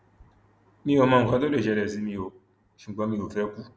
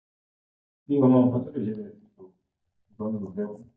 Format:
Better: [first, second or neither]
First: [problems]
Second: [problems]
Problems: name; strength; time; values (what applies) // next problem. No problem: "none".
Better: first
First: none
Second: noise reduction (neural mask model DeepFilterNet 3)